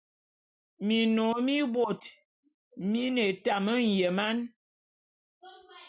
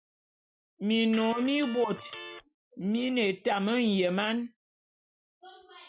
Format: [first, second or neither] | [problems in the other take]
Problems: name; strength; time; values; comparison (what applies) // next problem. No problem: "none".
first | background sound (Electric guitar); 15 dB below the speech